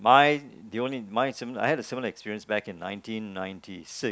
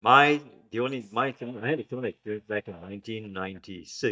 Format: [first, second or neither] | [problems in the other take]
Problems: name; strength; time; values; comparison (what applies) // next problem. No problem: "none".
first | noise reduction (neural mask model DeepFilterNet 3)